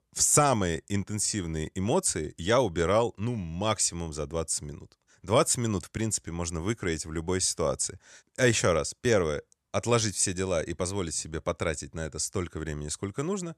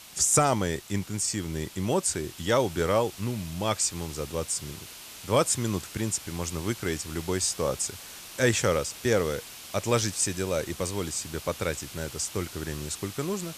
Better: first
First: none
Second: hiss; noticeable; throughout; 15 dB below the speech

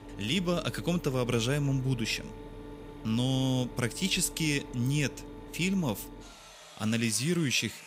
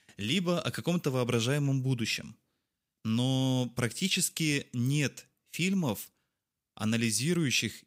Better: second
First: machinery noise; noticeable; throughout; 15 dB below the speech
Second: none

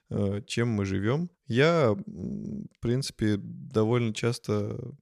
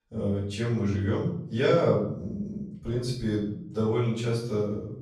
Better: first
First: none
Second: room echo; noticeable; dies away in 0.6 s // off-mic speech; far

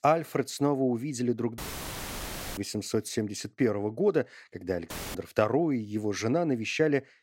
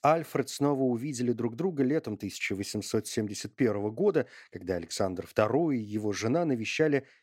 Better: second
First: audio cutting out; filled with static; at 1.5 s for 1 s and at 5 s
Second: none

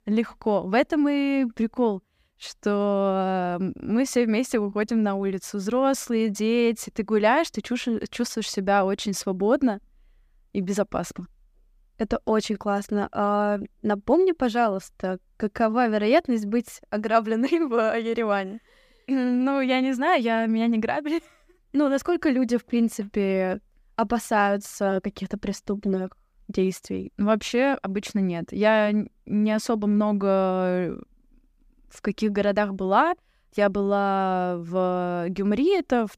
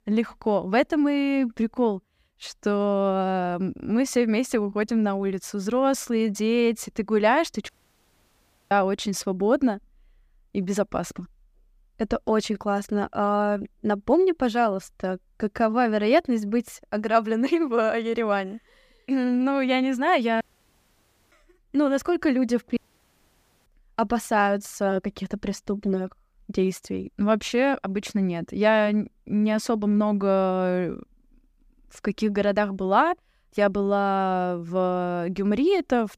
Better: first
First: none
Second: audio cutting out; at 7.5 s for 1 s, at 20 s for 1 s and at 23 s for 1 s

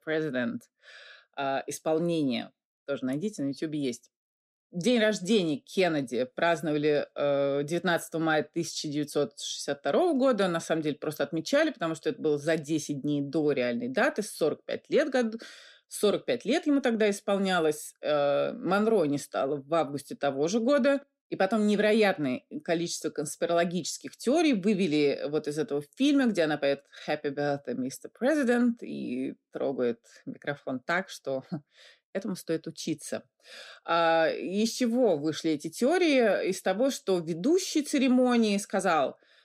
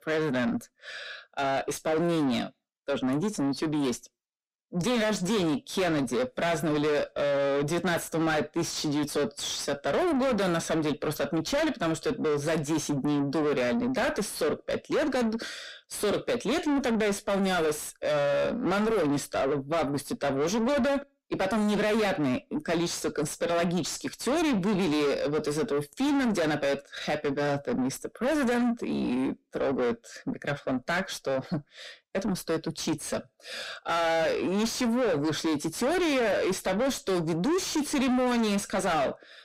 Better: first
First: none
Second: distortion; heavy; 6 dB below the speech

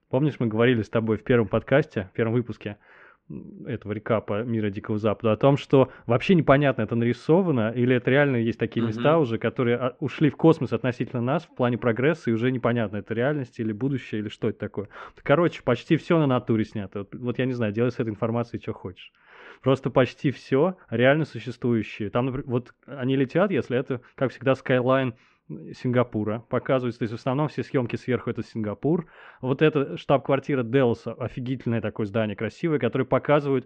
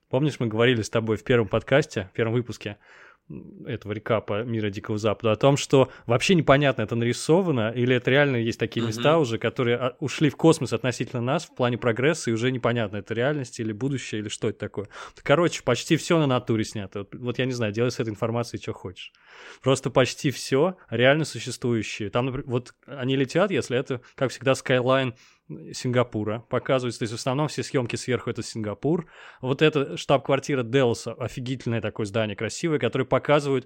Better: second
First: muffled; very; fading above 2.5 kHz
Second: none

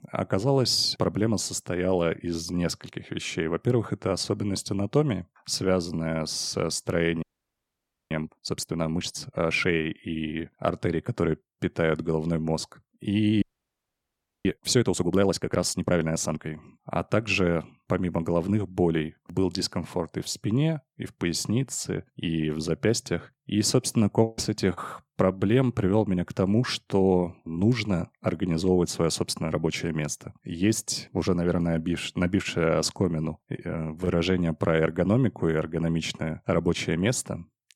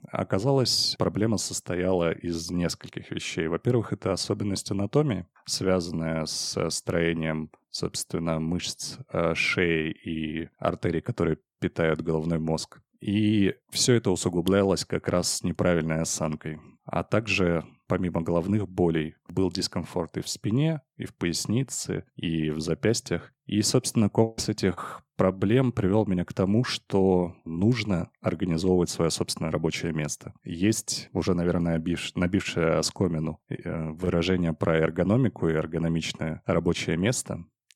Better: second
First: audio freezing; at 7 s for 1 s and at 13 s for 1 s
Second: none

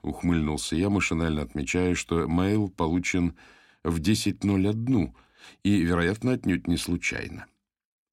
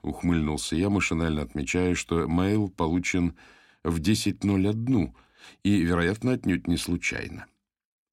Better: neither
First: none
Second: none

